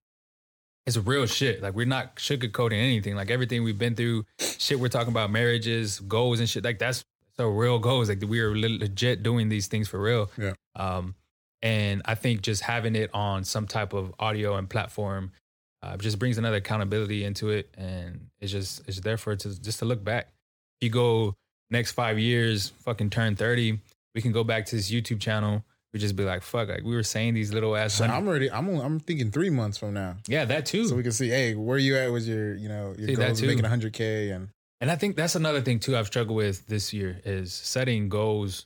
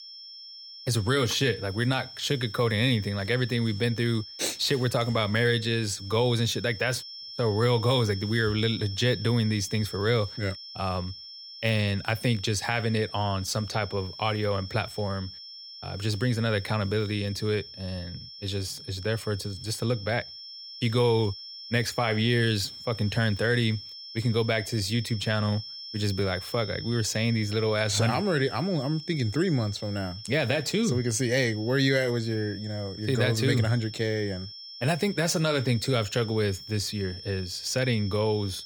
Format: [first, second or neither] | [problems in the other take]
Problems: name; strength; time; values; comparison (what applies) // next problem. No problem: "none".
first | high-pitched whine; noticeable; throughout; 5.5 kHz, 10 dB below the speech